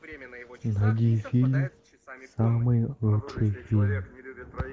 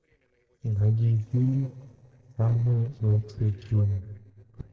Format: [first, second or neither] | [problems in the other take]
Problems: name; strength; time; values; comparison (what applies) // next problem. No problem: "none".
first | noise reduction (neural separator model SepFormer DNS4)